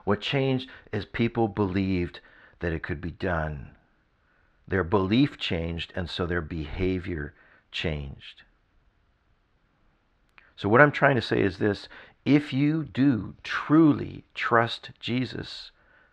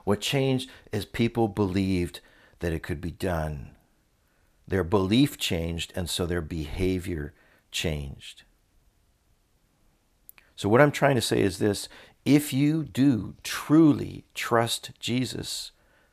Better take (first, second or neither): second